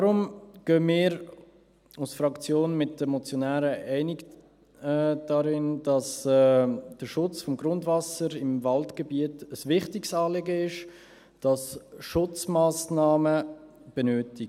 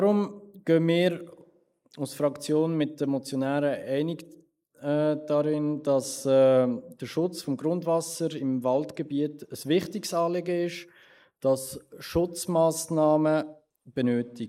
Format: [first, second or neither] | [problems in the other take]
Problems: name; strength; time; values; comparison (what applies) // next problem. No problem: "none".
first | noise reduction (neural mask model Resemble Enhance denoiser)